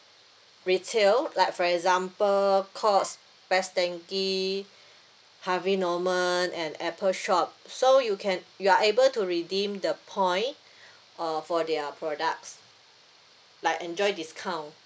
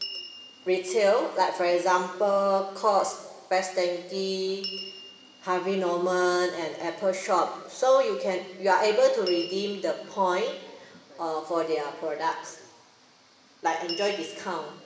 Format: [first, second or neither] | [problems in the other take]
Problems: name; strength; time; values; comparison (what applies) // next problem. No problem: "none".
first | background sound (Door / Bell); 19 dB below the speech // room echo; dies away in 1.2 s